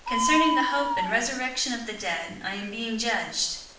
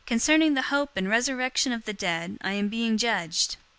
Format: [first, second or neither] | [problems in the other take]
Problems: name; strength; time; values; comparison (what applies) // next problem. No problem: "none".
second | background sound (Bird); 3 dB below the speech // room echo; dies away in 0.6 s